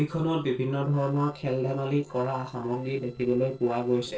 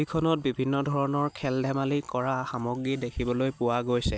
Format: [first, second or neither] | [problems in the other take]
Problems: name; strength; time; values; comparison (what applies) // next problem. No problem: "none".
second | noise reduction (neural separator model SepFormer DNS4)